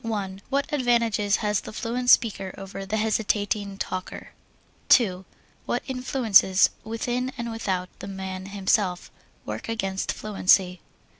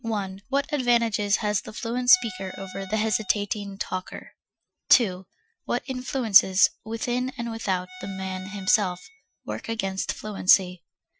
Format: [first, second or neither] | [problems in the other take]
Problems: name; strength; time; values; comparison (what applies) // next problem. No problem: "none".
first | noise reduction (classical method Wiener filter)